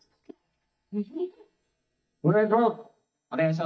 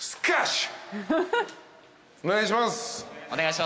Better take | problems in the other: second | noise reduction (neural mask model DeepFilterNet 3)

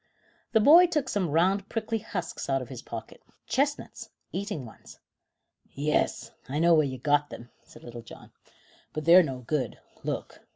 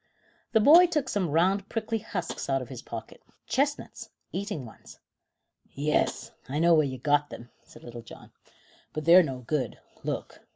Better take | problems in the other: first | background sound (Tap); 19 dB below the speech

